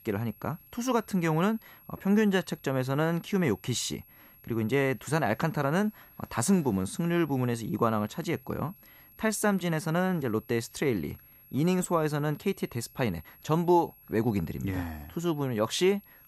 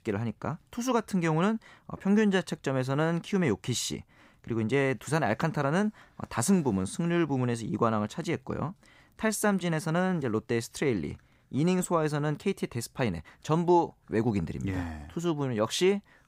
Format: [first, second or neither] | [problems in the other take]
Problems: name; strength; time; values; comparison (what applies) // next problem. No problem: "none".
second | high-pitched whine; faint; throughout; 11.5 kHz, 25 dB below the speech